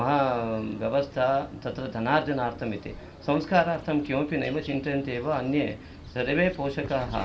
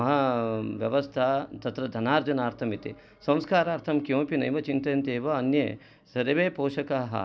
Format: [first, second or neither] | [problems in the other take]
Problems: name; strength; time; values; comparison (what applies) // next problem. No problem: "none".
second | background sound (Bird vocalization, bird call, bird song); 17 dB below the speech // room echo; dies away in 0.5 s